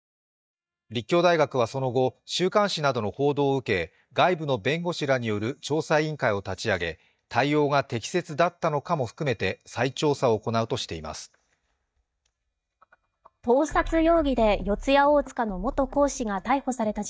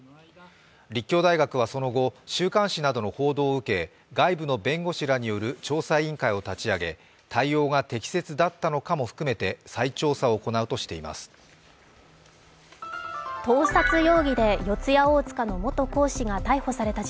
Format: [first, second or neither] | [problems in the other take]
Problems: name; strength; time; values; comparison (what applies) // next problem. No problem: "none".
second | noise reduction (neural mask model DeepFilterNet 3)